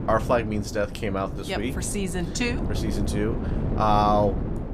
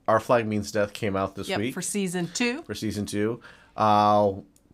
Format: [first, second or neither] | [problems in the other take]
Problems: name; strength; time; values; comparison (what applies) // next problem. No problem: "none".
second | wind noise on the microphone; occasional gusts; 10 dB below the speech